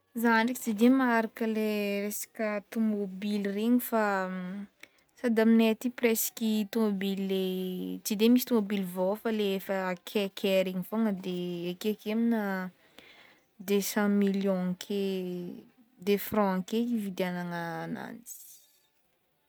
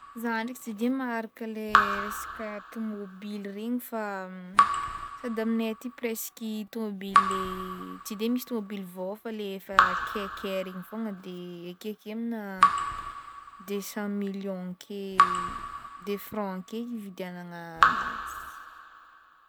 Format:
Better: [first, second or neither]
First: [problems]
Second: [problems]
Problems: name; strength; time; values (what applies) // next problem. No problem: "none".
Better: first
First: none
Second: background sound (Raindrop / Drip); 3 dB above the speech